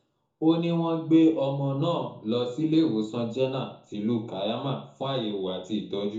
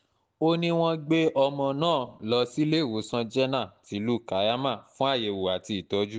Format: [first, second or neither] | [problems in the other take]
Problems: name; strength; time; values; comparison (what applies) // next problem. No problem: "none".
second | room echo; dies away in 0.6 s